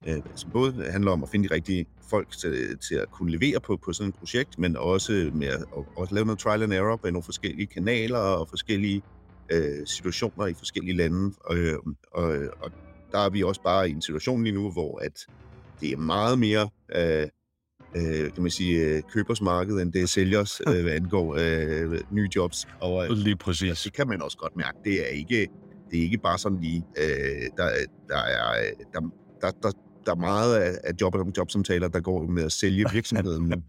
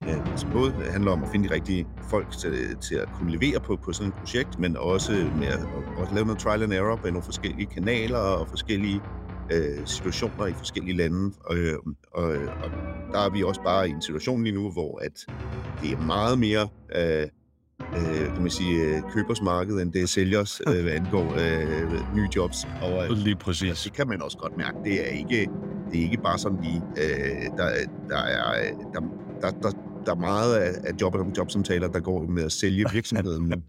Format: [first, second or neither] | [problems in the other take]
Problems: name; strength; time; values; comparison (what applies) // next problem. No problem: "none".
first | background music; loud; throughout; 9 dB below the speech; faint in the first